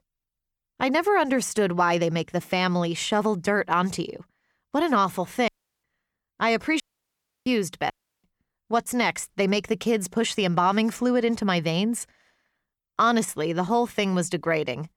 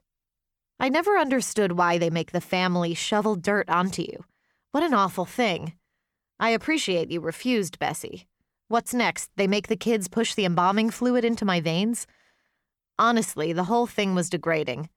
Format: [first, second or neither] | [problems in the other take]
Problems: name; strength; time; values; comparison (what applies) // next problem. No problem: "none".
second | audio cutting out; at 5.5 s, at 7 s for 0.5 s and at 8 s